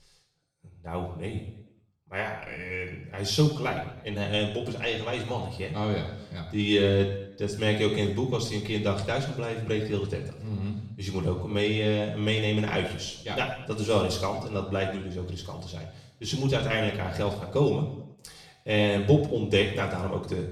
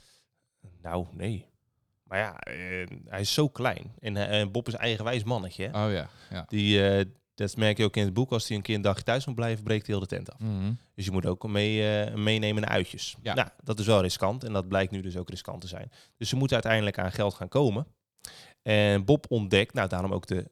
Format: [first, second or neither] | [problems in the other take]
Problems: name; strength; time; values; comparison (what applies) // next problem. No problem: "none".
second | room echo; noticeable; dies away in 0.7 s // off-mic speech; far